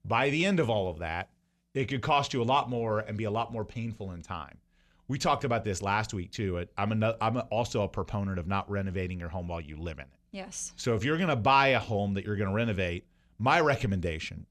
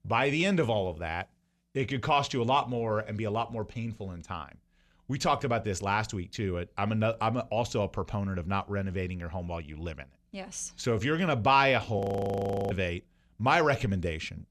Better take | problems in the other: first | audio freezing; at 12 s for 0.5 s

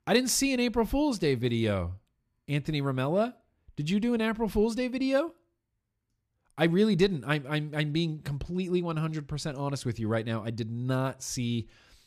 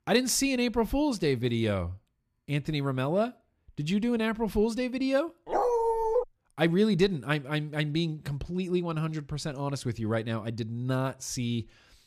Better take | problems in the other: first | dog barking; loud; at 5.5 s; peak 3 dB above the speech

